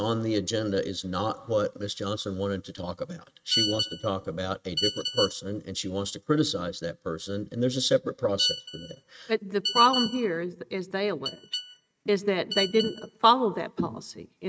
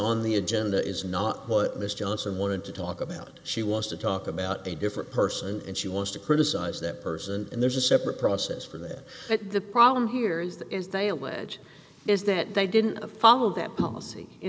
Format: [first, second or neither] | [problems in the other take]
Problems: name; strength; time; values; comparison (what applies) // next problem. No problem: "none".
second | noise reduction (neural mask model RNNoise)